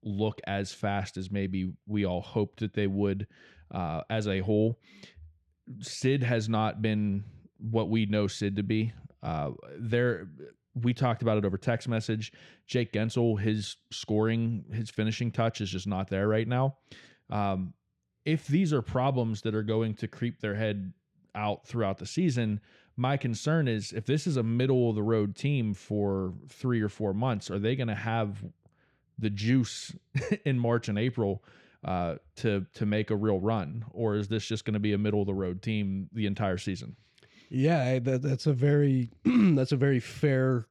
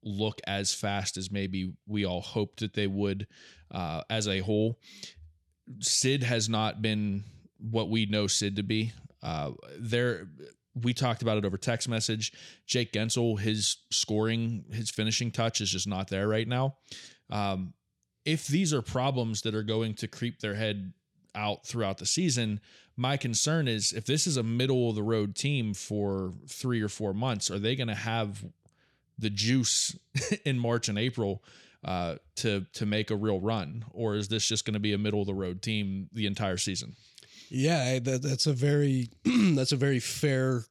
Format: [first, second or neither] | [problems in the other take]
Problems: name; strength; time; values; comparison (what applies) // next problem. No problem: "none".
second | muffled; slightly; fading above 3.5 kHz